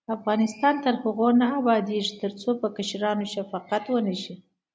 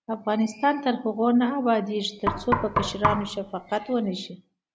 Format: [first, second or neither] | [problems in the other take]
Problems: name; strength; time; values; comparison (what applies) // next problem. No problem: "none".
first | background sound (Knock); 2 dB below the speech